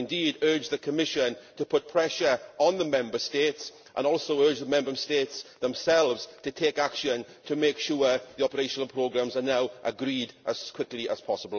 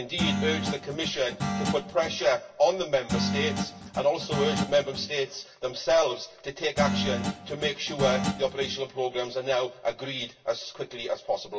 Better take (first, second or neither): first